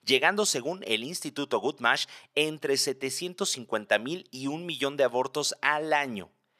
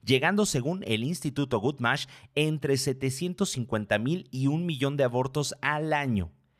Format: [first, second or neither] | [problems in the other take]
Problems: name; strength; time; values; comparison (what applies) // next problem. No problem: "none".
second | thin; somewhat; fading below 400 Hz